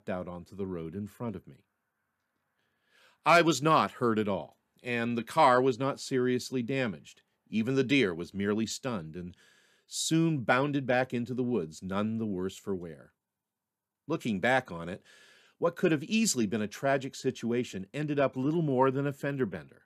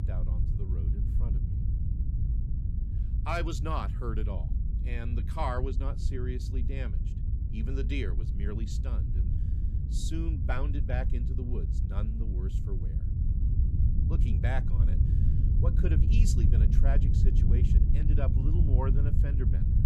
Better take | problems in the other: first | low rumble; loud; throughout; 5 dB below the speech

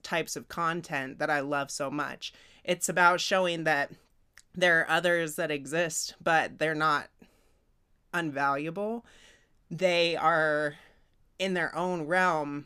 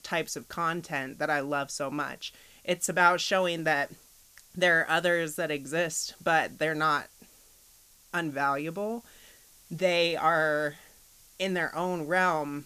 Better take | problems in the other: first | hiss; faint; throughout; 25 dB below the speech

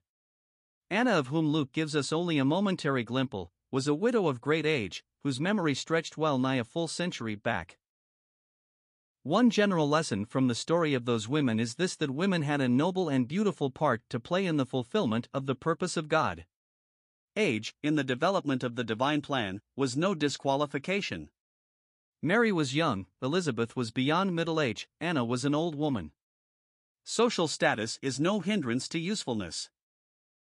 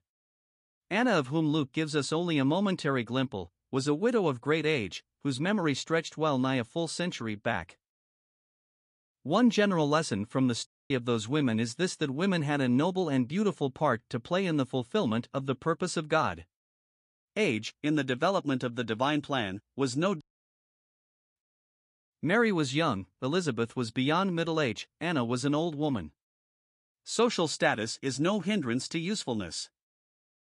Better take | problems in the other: first | audio cutting out; at 11 s and at 20 s for 1 s

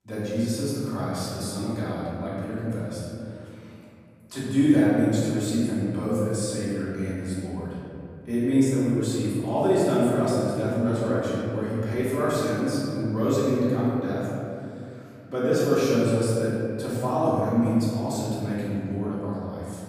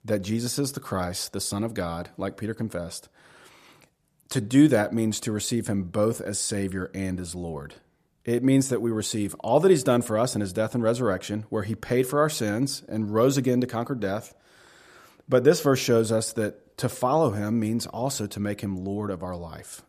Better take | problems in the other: second | off-mic speech; far // room echo; strong; dies away in 2.5 s

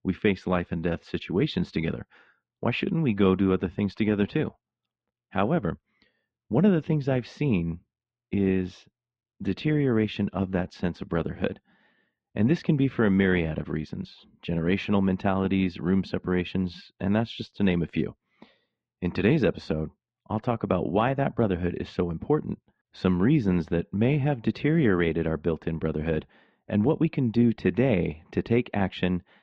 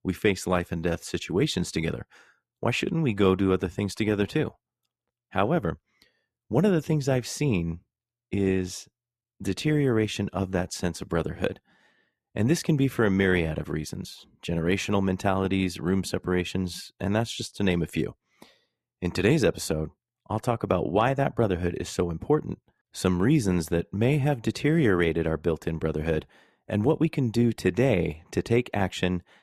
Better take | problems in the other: second | muffled; slightly; fading above 4 kHz

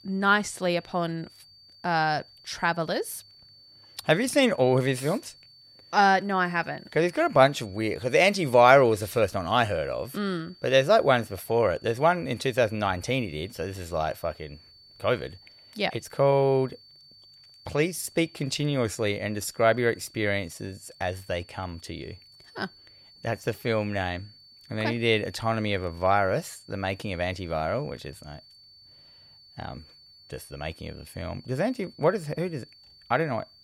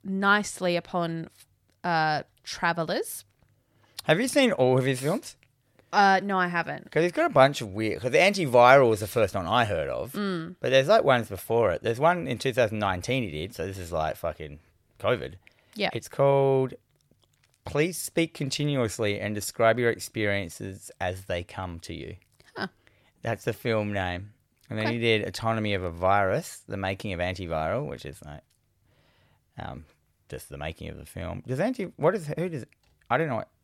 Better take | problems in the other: second | high-pitched whine; faint; throughout; 4.5 kHz, 25 dB below the speech

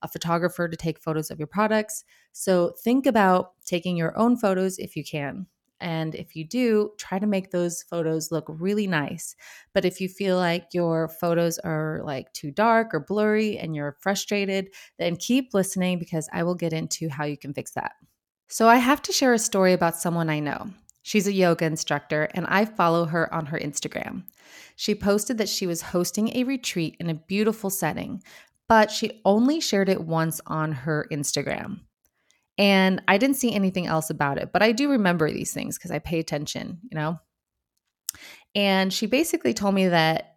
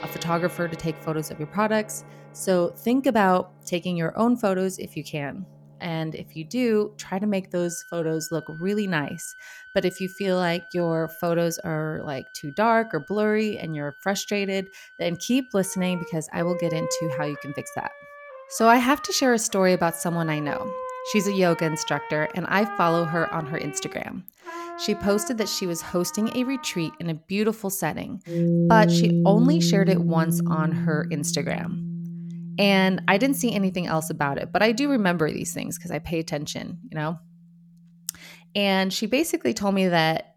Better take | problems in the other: first | background music; loud; throughout; 5 dB below the speech

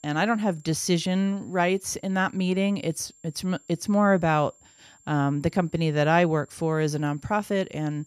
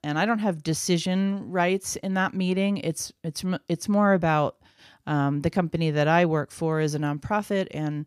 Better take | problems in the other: second | high-pitched whine; faint; throughout; 7.5 kHz, 30 dB below the speech

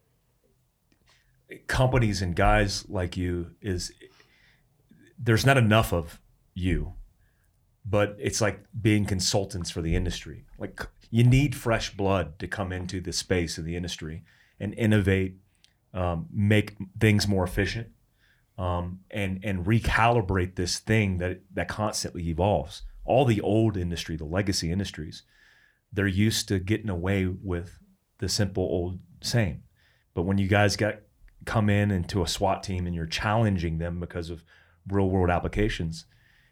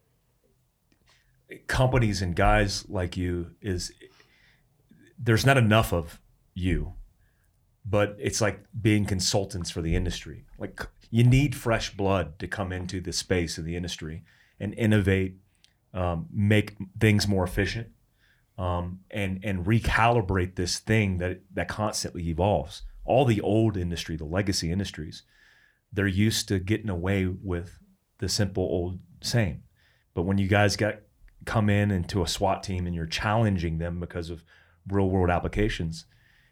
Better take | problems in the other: neither | none

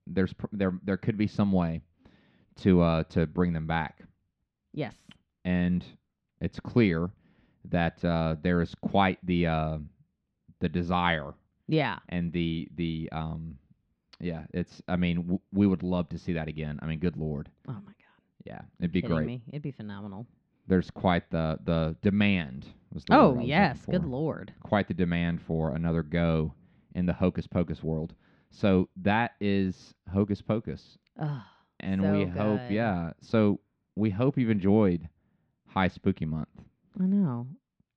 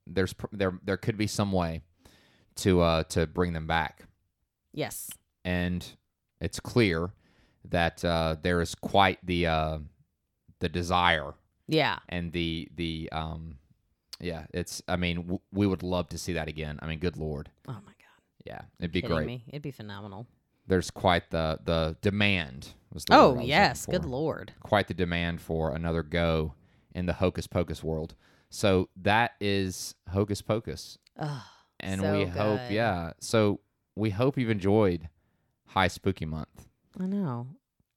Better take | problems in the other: second | muffled; slightly; fading above 3.5 kHz

